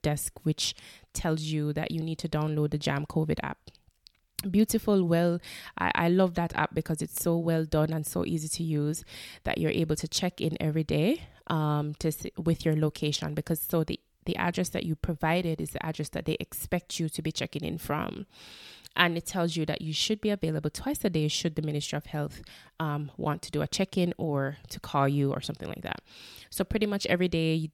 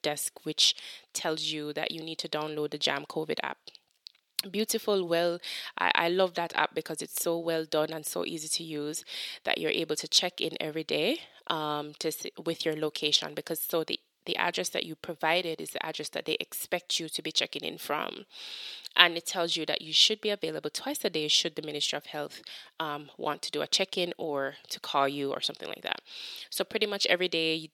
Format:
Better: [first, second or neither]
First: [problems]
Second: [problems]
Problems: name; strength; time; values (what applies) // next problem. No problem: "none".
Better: first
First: none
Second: thin; somewhat; fading below 450 Hz